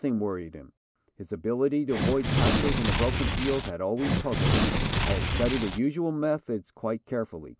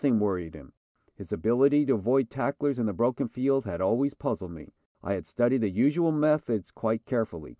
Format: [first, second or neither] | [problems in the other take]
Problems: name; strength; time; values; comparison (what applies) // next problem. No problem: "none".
second | background sound (Tearing); 3 dB above the speech